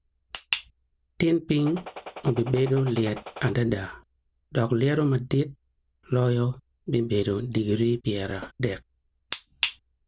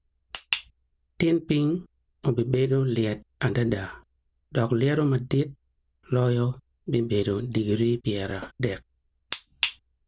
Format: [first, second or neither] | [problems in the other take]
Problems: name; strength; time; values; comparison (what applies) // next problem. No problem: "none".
second | background sound (Gunshot, gunfire); 14 dB below the speech